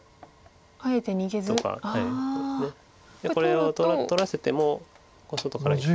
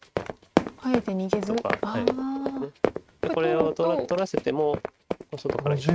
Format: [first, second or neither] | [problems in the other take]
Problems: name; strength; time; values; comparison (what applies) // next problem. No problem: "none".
first | noise reduction (neural mask model RNNoise)